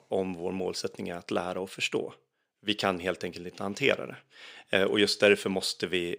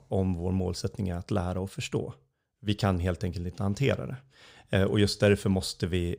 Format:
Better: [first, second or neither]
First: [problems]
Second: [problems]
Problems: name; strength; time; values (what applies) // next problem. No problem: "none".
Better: second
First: thin; somewhat; fading below 300 Hz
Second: none